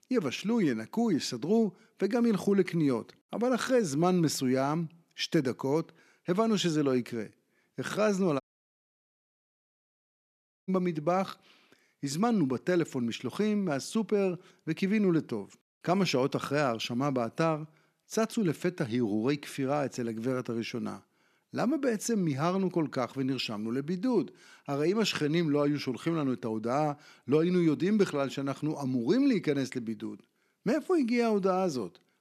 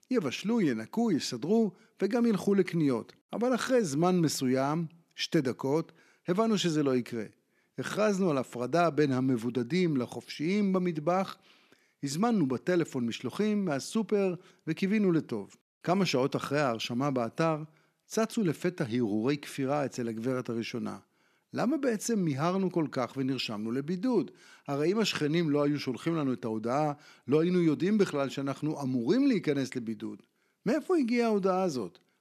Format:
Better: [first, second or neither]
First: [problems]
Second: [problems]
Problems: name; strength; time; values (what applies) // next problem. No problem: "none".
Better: second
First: audio cutting out; at 8.5 s for 2.5 s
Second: none